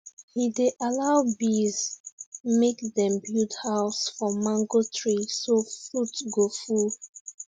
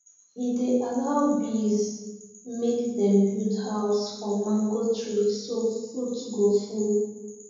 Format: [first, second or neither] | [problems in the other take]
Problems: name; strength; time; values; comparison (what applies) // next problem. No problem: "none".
first | room echo; dies away in 1.3 s